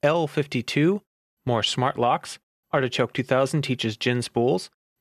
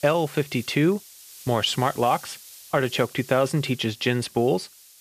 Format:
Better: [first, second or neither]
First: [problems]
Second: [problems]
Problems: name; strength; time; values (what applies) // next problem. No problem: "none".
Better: first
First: none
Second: hiss; noticeable; throughout; 20 dB below the speech